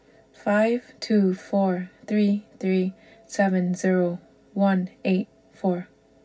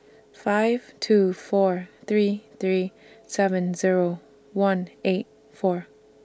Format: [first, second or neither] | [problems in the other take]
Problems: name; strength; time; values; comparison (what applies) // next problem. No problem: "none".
second | room echo; dies away in 0.4 s